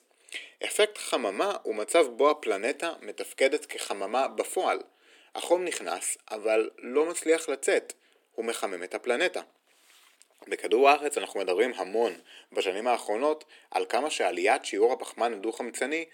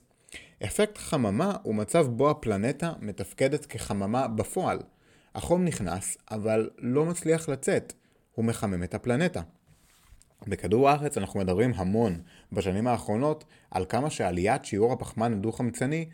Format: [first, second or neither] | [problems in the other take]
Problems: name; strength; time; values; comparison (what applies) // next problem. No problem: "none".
second | thin; very; fading below 300 Hz